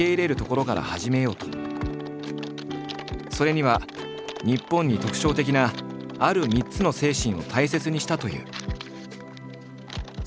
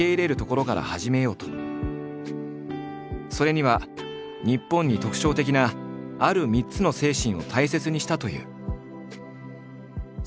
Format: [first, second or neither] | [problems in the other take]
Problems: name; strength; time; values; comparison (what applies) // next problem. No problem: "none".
second | background sound (Typing); 17 dB below the speech